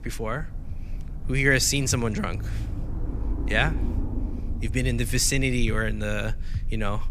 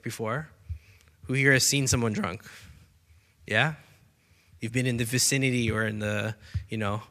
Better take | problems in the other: second | low rumble; noticeable; throughout; 20 dB below the speech

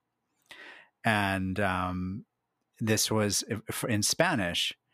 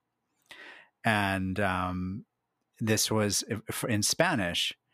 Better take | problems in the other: neither | none

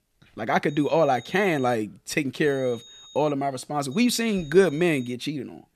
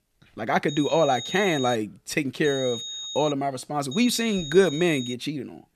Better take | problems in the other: first | high-pitched whine; loud; from 0.5 to 2 s, at 2.5 s and from 4 to 5 s; 3.5 kHz, 9 dB below the speech; faint in the first

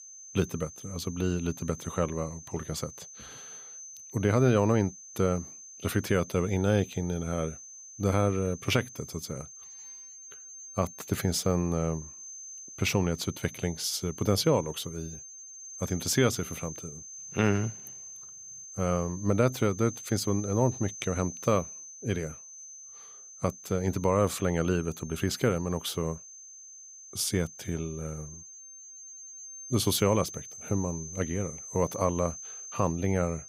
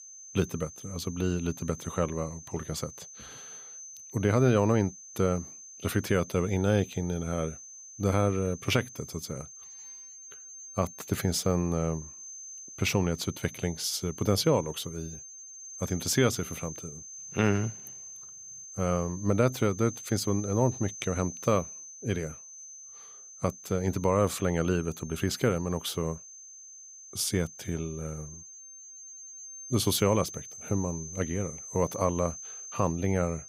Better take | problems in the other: neither | high-pitched whine; noticeable; throughout; 6.5 kHz, 15 dB below the speech; the same in both

